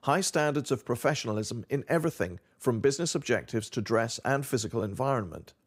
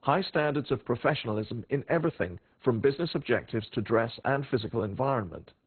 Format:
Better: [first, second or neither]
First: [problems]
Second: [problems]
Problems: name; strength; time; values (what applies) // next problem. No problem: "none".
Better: first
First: none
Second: garbled, watery; badly; nothing above 4 kHz